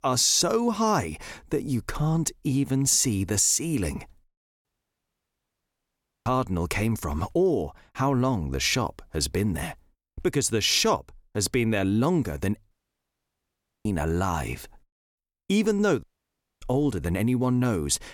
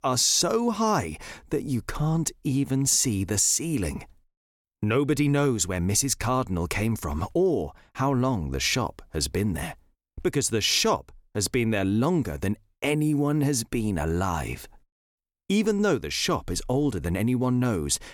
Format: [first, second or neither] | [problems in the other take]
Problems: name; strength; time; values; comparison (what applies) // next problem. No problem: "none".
second | audio cutting out; at 4.5 s for 1.5 s, at 13 s for 1 s and at 16 s for 0.5 s